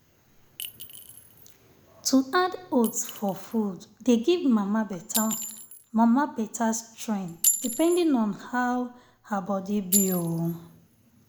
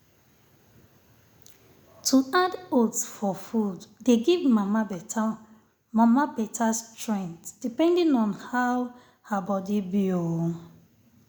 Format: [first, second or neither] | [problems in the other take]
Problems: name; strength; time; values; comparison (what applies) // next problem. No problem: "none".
second | background sound (Chink, clink); 9 dB below the speech